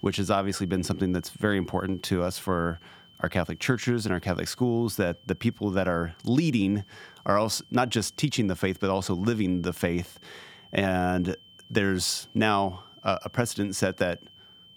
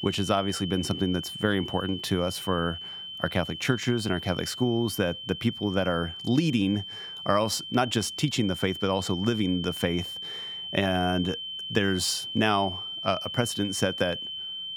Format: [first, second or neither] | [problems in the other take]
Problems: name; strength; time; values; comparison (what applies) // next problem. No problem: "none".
first | high-pitched whine; loud; throughout; 3 kHz, 7 dB below the speech; faint in the first